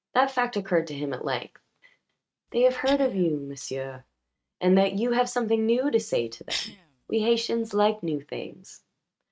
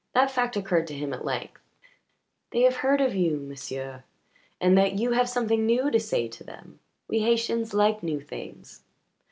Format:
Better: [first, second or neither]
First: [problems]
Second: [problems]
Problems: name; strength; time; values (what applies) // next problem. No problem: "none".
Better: second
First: noise reduction (neural mask model RNNoise)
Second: none